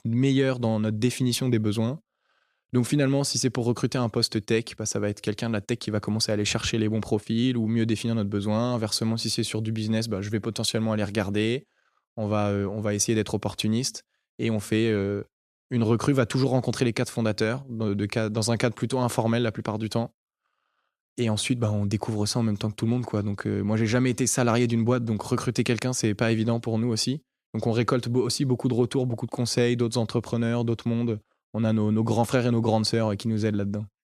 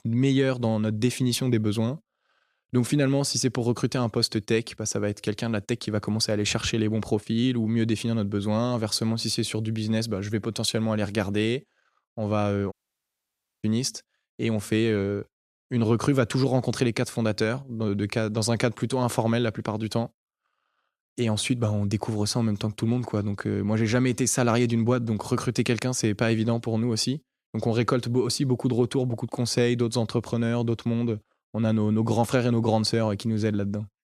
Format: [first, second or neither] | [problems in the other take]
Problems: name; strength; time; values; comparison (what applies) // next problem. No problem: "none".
first | audio cutting out; at 13 s for 1 s